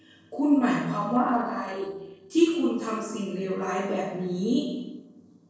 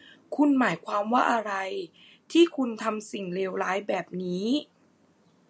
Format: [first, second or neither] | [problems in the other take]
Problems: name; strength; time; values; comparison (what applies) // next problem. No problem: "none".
second | noise reduction (neural separator model SepFormer DNS4)